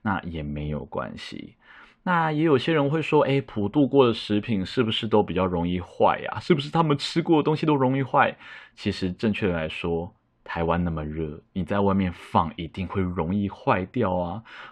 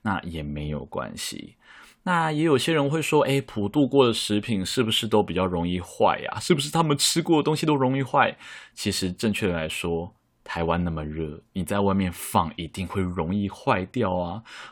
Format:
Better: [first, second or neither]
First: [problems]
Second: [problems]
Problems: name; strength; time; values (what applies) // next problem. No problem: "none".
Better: second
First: muffled; slightly; fading above 3 kHz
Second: none